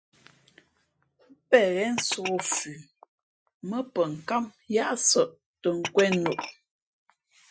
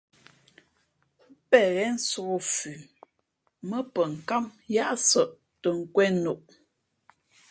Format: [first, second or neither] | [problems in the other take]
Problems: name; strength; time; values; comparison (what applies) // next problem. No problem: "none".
second | noise reduction (classical method Wiener filter)